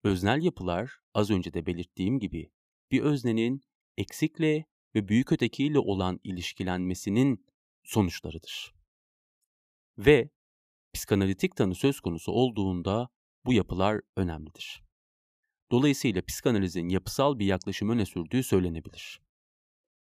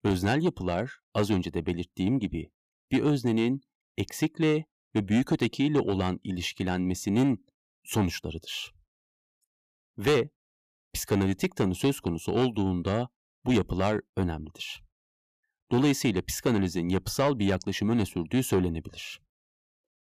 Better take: first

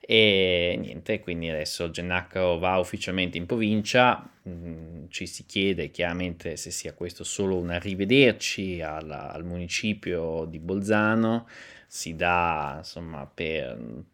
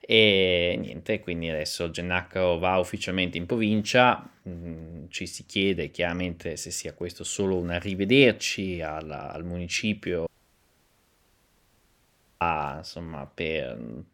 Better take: first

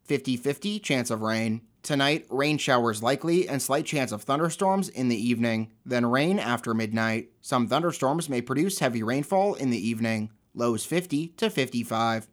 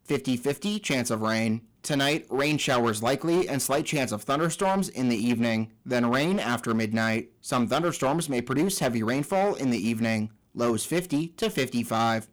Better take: first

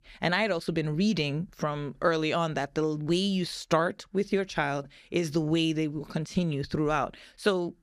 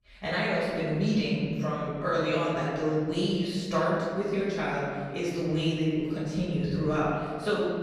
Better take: first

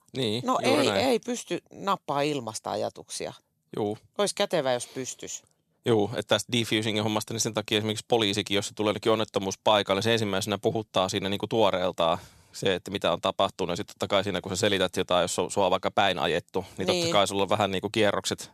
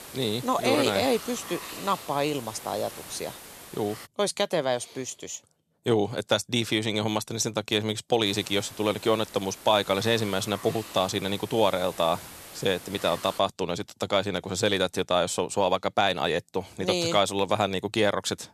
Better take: first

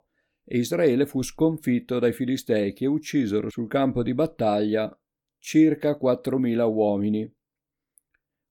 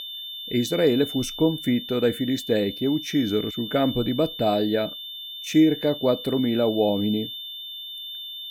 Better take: first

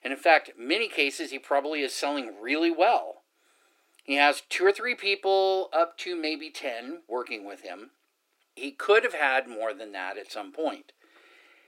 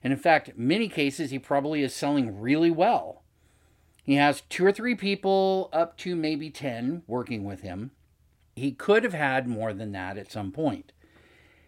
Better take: second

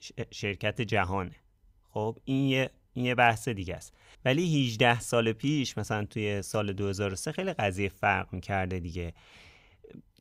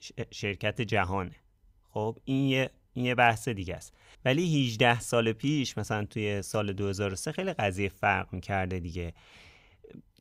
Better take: neither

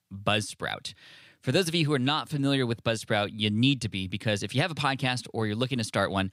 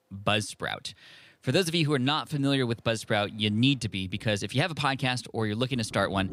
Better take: first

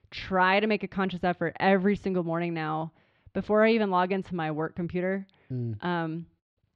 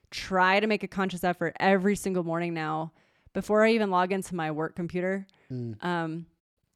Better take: second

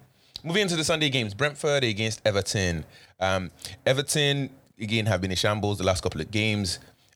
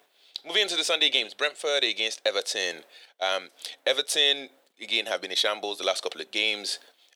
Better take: first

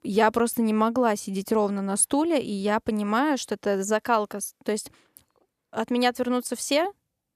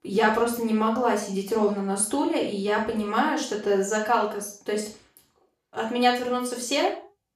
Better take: first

